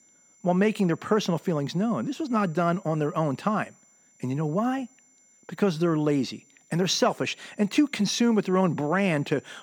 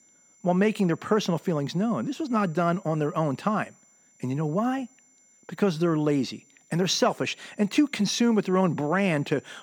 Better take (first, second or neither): neither